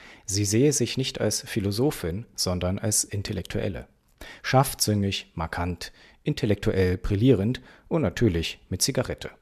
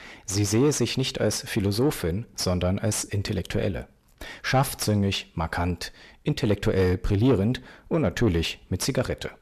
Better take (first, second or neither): first